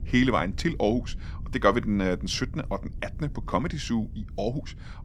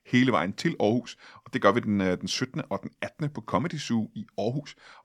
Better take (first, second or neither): second